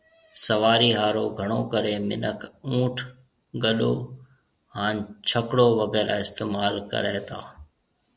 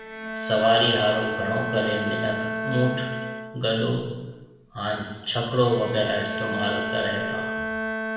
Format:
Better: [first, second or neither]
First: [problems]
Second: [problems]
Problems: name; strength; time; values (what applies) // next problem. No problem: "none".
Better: first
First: none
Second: background sound (Bowed string instrument); 5 dB below the speech // room echo; dies away in 1.1 s